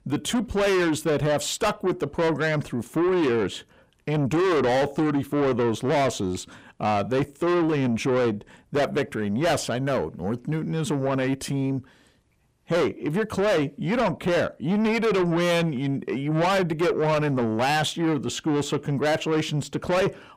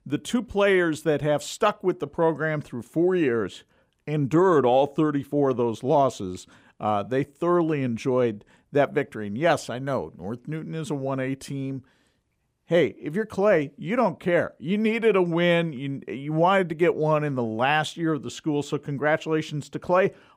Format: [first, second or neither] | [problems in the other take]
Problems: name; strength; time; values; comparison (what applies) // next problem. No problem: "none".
second | distortion; heavy; 6 dB below the speech